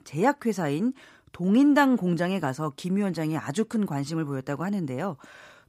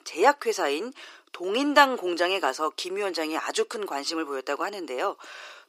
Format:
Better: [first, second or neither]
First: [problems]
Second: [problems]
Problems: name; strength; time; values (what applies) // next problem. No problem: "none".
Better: first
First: none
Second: thin; very; fading below 350 Hz